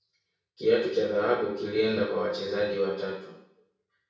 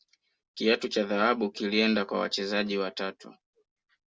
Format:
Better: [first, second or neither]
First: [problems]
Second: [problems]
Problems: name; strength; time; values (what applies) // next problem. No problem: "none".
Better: second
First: room echo; dies away in 0.6 s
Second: none